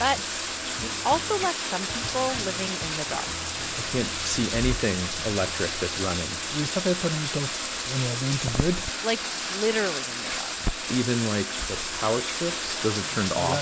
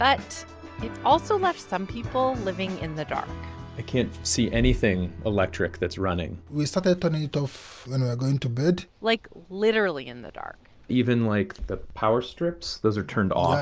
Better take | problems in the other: second | background sound (Bathtub (filling or washing)); 2 dB below the speech

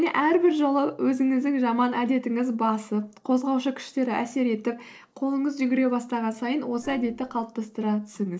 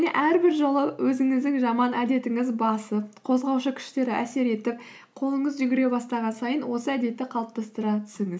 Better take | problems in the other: second | noise reduction (neural separator model SepFormer DNS4)

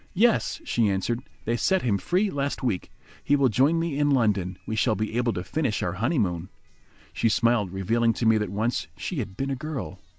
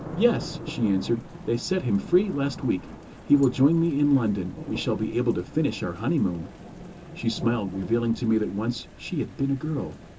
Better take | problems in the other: first | background sound (Thunder / Rain); 14 dB below the speech // room echo; dies away in 0.2 s

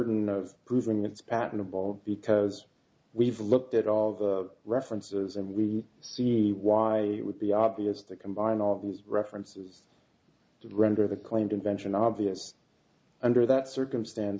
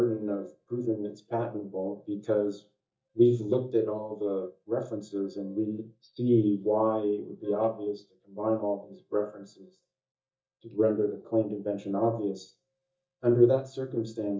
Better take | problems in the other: first | noise reduction (neural mask model DeepFilterNet 3)

